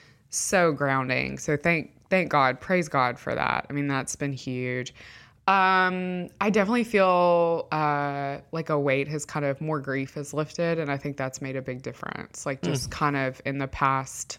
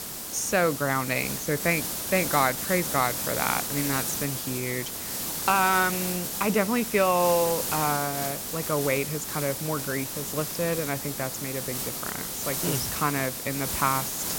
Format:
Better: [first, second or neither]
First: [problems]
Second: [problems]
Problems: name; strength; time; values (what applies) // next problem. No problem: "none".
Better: first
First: none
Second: hiss; loud; throughout; 2 dB below the speech